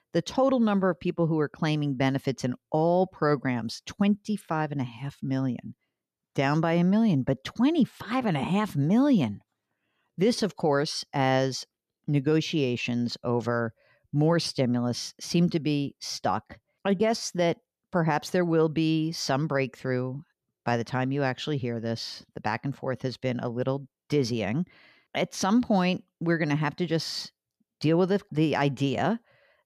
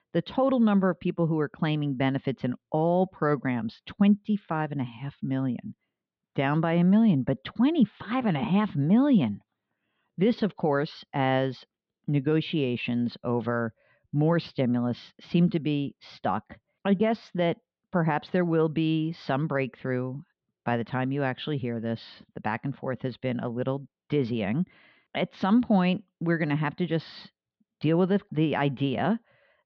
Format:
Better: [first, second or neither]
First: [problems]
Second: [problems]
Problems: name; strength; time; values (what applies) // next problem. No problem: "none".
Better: first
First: none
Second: muffled; slightly; fading above 3.5 kHz